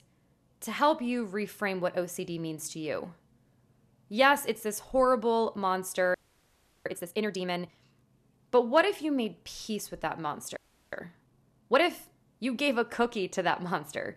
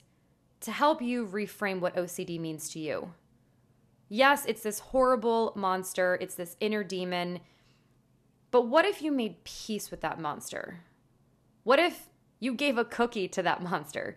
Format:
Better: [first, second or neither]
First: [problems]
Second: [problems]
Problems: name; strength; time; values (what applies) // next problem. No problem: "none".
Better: second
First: audio freezing; at 6 s for 0.5 s and at 11 s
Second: none